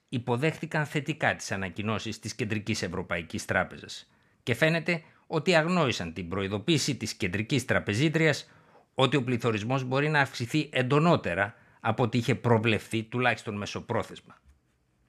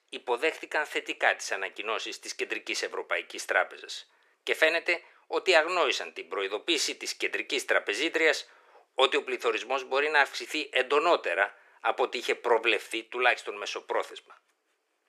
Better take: first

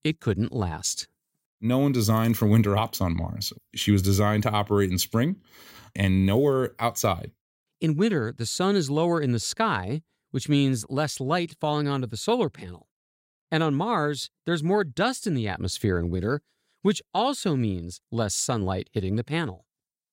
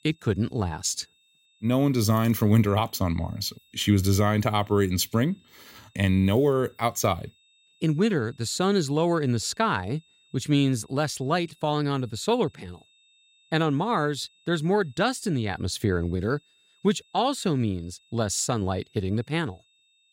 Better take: first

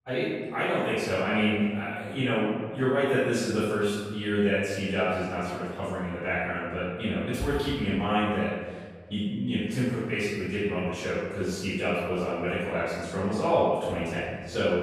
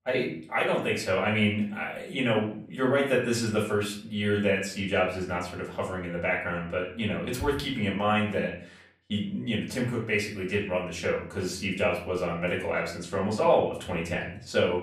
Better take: second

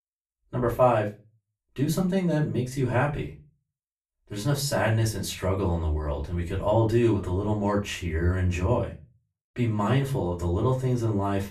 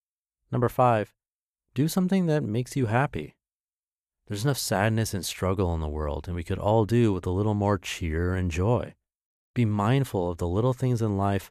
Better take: second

